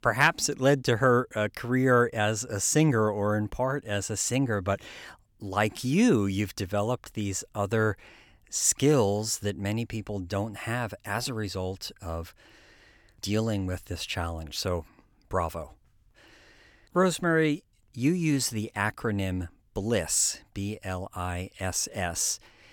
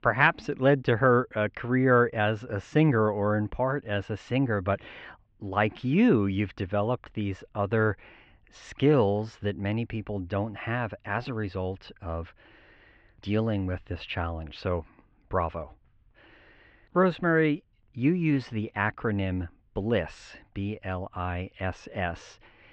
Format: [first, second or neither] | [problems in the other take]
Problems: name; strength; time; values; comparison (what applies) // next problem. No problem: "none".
first | muffled; very; fading above 3 kHz